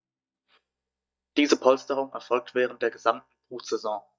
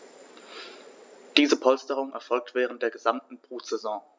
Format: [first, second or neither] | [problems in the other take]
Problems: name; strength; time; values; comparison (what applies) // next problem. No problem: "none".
second | noise reduction (neural mask model DeepFilterNet 3)